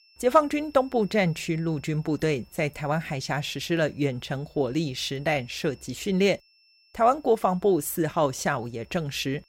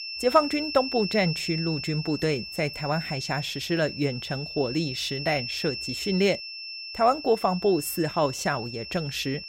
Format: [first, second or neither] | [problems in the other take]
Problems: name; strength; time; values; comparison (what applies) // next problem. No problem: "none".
first | high-pitched whine; loud; throughout; 5.5 kHz, 7 dB below the speech; faint in the first